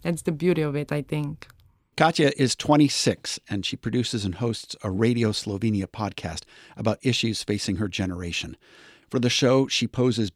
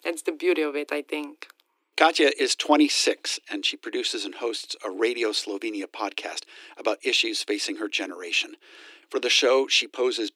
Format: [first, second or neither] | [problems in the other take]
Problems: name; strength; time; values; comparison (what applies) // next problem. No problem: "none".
first | thin; somewhat; fading below 300 Hz